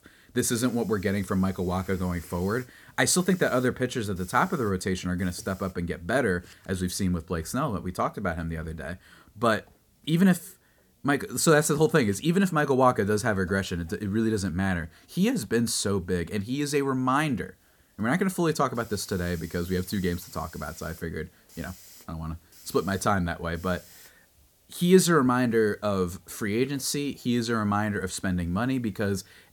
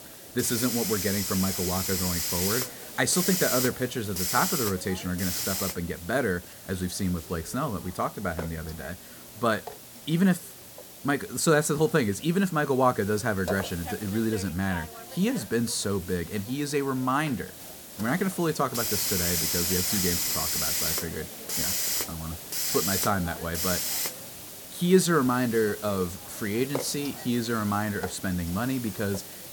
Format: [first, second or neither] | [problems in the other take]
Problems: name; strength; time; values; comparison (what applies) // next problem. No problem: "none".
first | hiss; loud; throughout; 1 dB below the speech; faint in the first